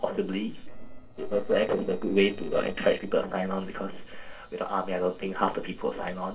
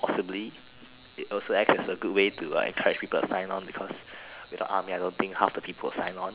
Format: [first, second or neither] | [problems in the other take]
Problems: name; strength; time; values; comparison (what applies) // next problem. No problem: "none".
second | noise reduction (neural separator model SepFormer DNS4)